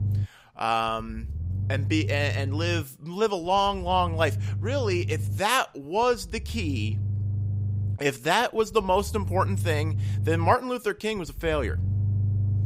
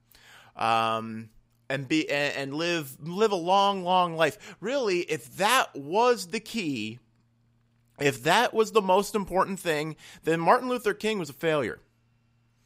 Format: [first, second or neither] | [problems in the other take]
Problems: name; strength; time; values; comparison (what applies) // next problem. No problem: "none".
second | low rumble; noticeable; throughout; 20 dB below the speech